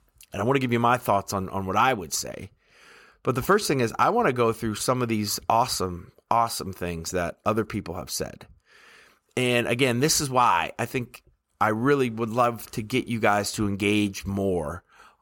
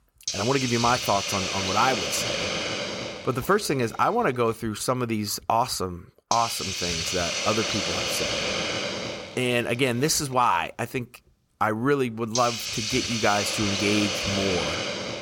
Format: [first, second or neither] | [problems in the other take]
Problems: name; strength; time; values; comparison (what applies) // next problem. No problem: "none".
first | hiss; loud; throughout; 1 dB below the speech